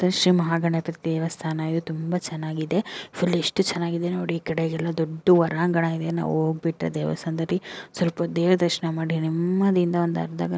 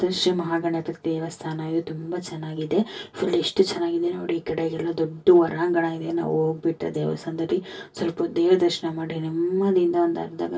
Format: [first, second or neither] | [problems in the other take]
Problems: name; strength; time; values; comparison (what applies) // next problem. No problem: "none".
first | room echo; dies away in 0.1 s